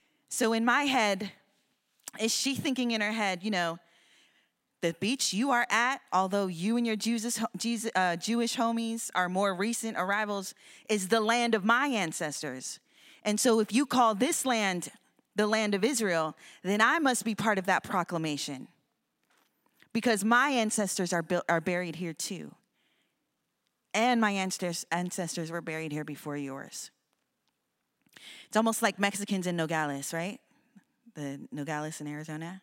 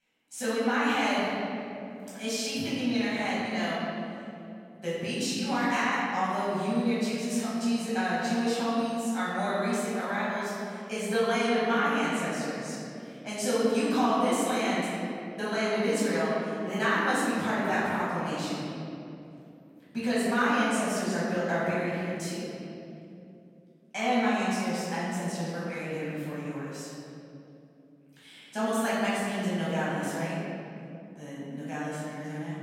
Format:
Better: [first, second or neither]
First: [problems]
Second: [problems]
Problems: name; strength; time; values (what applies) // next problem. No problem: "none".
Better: first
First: none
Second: off-mic speech; far // room echo; strong; dies away in 2.7 s